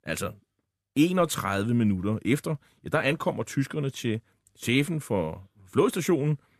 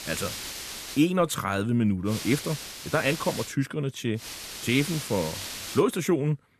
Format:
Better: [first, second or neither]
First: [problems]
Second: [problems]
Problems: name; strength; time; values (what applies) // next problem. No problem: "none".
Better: first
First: none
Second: hiss; loud; at the start, from 2 to 3.5 s and from 4 to 6 s; 8 dB below the speech